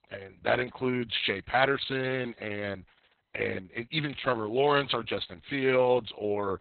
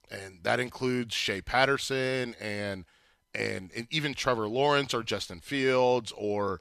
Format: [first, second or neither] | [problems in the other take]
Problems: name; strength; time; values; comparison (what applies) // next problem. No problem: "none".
second | garbled, watery; badly; nothing above 4 kHz